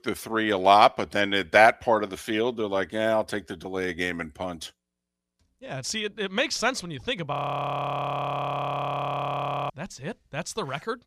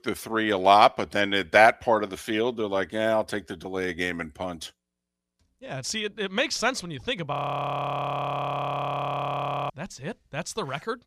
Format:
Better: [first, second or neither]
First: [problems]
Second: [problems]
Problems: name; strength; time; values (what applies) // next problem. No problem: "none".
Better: neither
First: audio freezing; at 7.5 s for 2.5 s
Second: audio freezing; at 7.5 s for 2.5 s